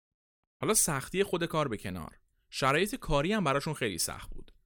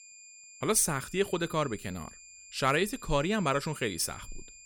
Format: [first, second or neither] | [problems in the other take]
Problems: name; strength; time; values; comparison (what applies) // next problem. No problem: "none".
first | high-pitched whine; noticeable; throughout; 7.5 kHz, 20 dB below the speech